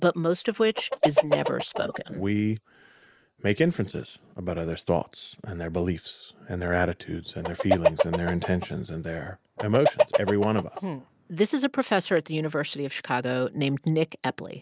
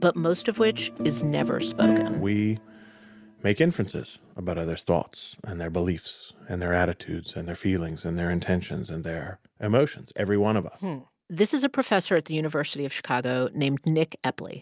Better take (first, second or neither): second